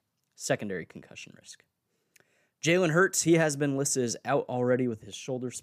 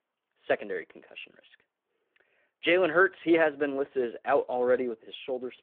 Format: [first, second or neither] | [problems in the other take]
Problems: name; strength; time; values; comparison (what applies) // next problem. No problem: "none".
first | phone-call audio; nothing above 3.5 kHz